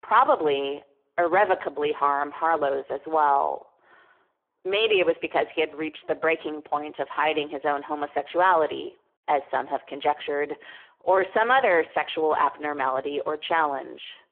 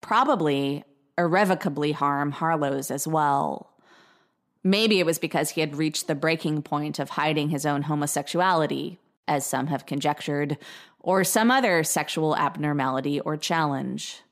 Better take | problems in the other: second | phone-call audio; poor line; nothing above 3.5 kHz

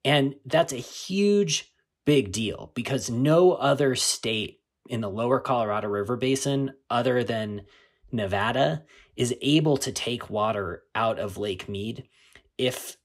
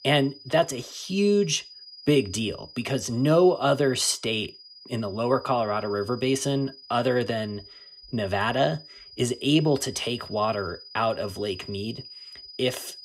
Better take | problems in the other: first | high-pitched whine; noticeable; throughout; 5 kHz, 20 dB below the speech

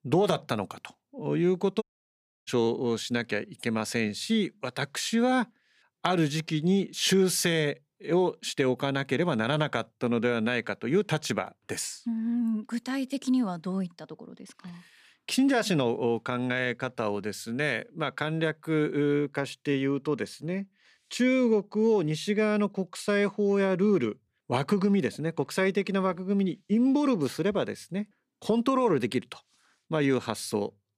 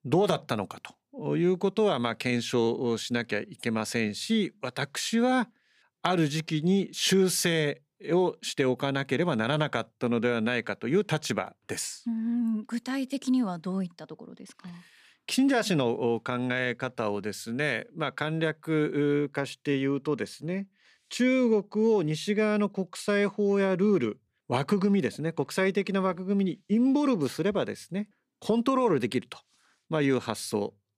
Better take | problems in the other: second | audio cutting out; at 2 s for 0.5 s

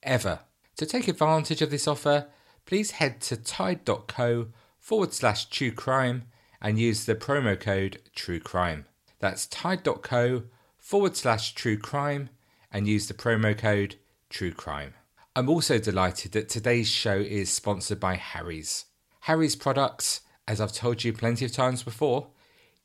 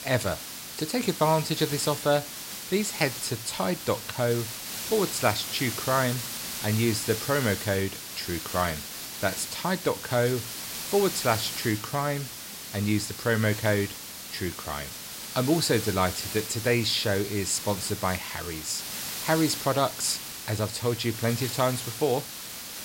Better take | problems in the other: first | hiss; loud; throughout; 6 dB below the speech

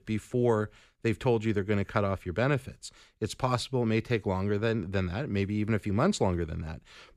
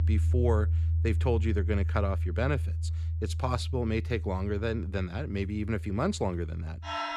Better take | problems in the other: first | background music; very loud; throughout; 1 dB above the speech

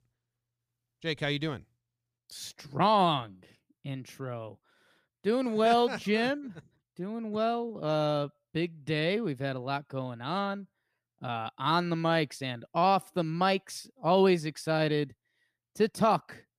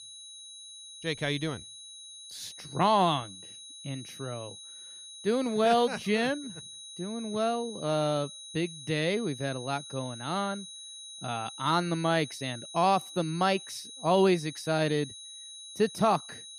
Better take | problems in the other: first | high-pitched whine; noticeable; throughout; 4 kHz, 15 dB below the speech

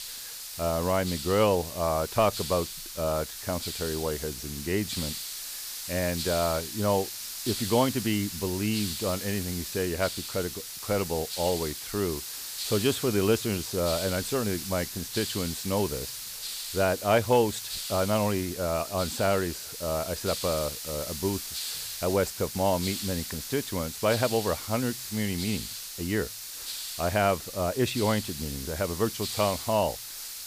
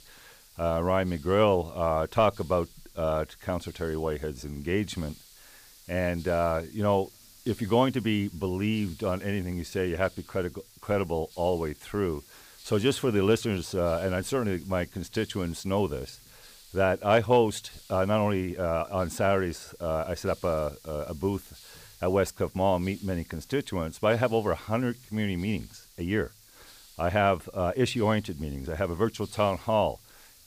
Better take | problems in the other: second | hiss; loud; throughout; 5 dB below the speech; faint in the second

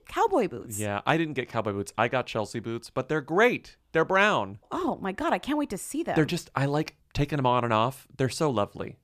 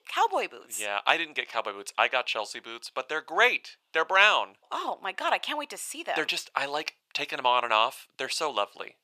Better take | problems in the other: first | thin; very; fading below 750 Hz

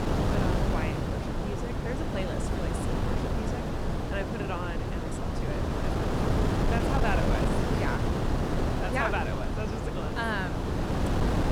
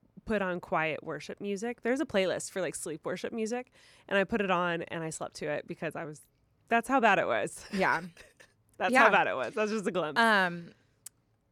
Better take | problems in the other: second | wind noise on the microphone; heavy; 2 dB above the speech

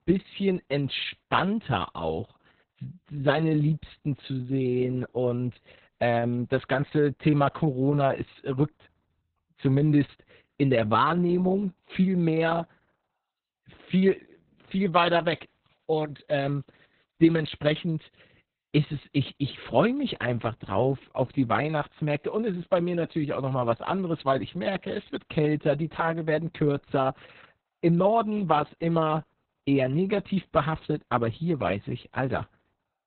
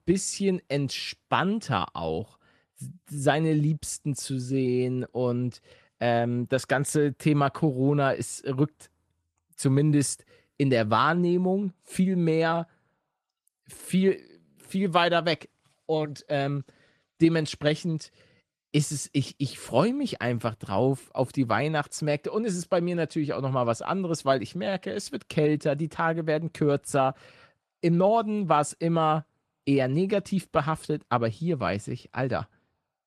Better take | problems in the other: second | garbled, watery; badly; nothing above 4 kHz; slightly in the second

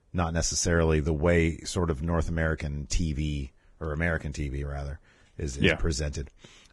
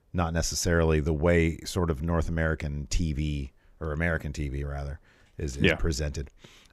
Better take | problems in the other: second | garbled, watery; badly; nothing above 11.5 kHz

